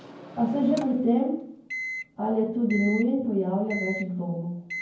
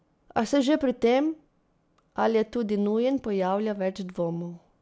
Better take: second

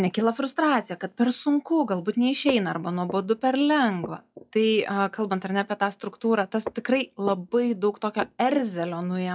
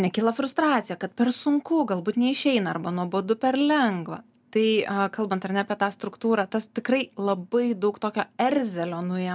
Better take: second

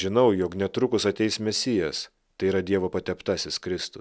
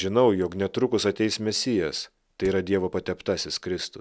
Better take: first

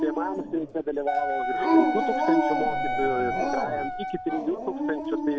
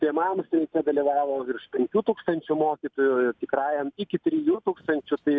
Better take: second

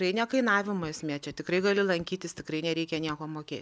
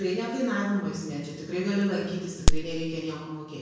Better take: first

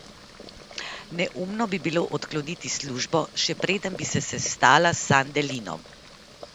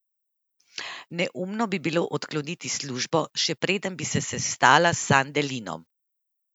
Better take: second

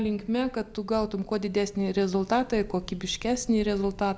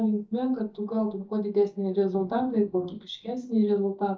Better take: first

